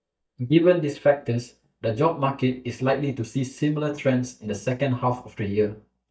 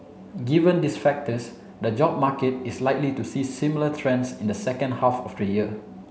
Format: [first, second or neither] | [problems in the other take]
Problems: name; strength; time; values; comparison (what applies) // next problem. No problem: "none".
second | noise reduction (neural mask model DeepFilterNet 3)